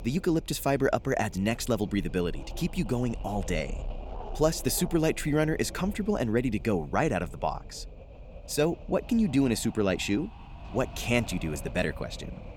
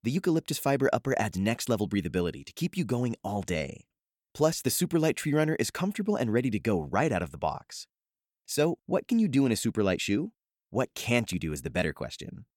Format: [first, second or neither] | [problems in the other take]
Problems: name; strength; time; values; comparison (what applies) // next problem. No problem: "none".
second | wind noise on the microphone; occasional gusts; 20 dB below the speech